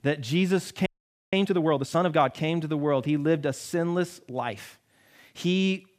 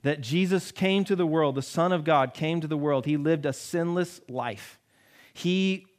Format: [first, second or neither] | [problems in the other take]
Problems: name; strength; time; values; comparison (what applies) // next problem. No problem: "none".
second | audio freezing; at 1 s